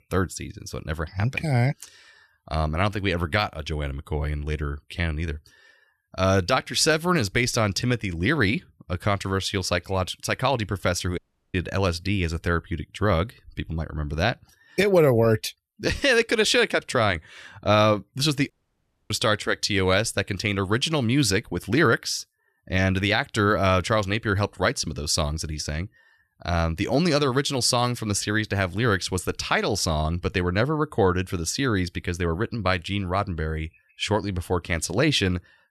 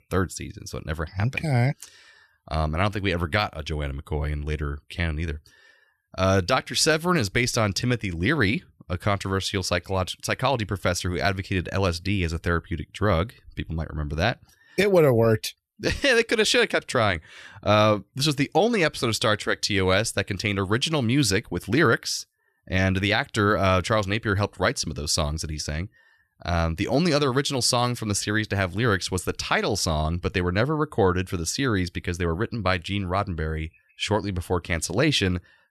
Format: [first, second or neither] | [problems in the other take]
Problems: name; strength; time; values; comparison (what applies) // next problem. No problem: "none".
second | audio cutting out; at 11 s and at 19 s for 0.5 s